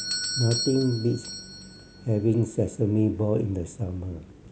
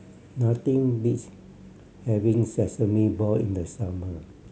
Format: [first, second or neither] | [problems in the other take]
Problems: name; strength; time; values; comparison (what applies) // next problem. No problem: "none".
second | background sound (Doorbell); 10 dB below the speech